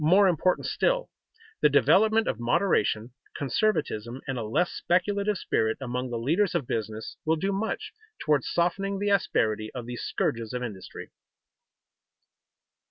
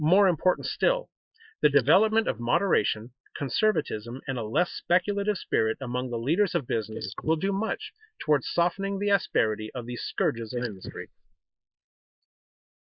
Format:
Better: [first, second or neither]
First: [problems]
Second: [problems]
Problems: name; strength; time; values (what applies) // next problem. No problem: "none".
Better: first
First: none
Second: noise reduction (neural mask model Resemble Enhance denoiser)